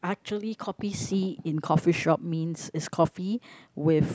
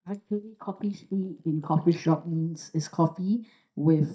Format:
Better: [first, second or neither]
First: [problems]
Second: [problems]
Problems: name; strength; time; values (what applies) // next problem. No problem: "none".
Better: first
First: none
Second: noise reduction (neural mask model DeepFilterNet 3)